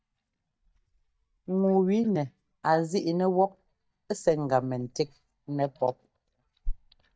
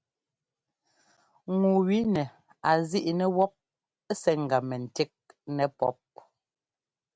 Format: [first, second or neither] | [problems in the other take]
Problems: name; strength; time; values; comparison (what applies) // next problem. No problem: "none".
second | noise reduction (neural mask model DeepFilterNet 3)